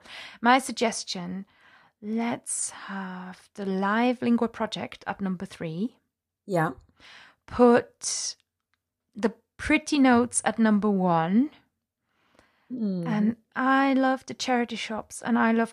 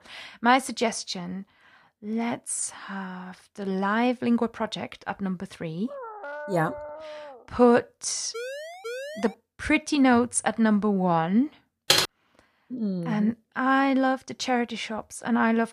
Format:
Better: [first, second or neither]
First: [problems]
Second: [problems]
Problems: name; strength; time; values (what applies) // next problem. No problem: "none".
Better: first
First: none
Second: dog barking; faint; from 6 to 7.5 s; peak 10 dB below the speech // siren; noticeable; from 8.5 to 9.5 s; peak 10 dB below the speech // keyboard typing; loud; at 12 s; peak 5 dB above the speech